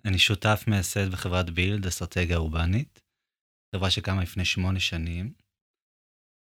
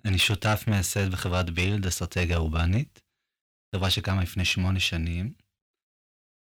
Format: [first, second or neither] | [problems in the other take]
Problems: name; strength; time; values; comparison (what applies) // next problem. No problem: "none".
first | distortion; slight; 10 dB below the speech